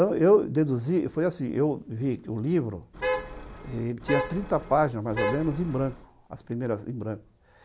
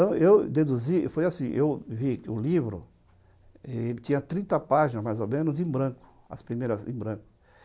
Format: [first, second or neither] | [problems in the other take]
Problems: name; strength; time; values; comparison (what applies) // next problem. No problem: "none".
second | background sound (Traffic noise, roadway noise / Vehicle horn, car horn, honking); 6 dB below the speech